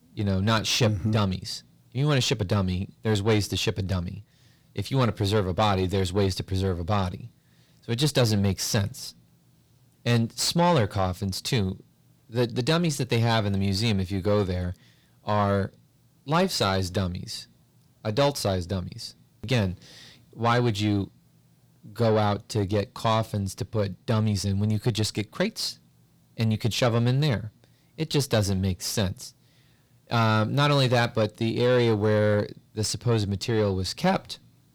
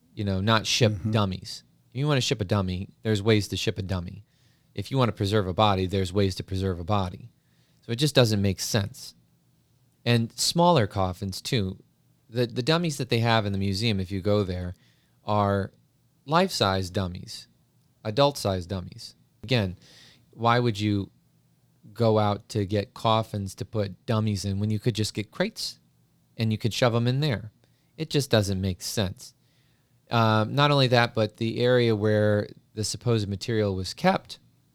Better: second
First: distortion; slight; 10 dB below the speech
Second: none

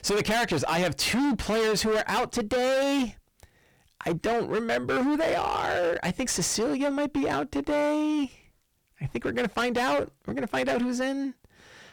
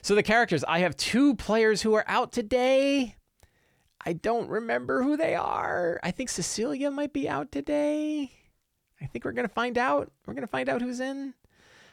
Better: second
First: distortion; heavy; 23% of the sound clipped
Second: none

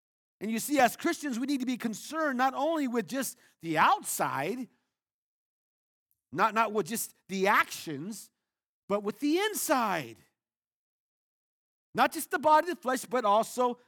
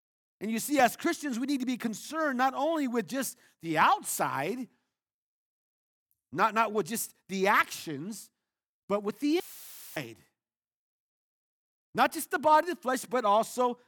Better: first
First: none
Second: audio cutting out; filled with static; at 9.5 s for 0.5 s

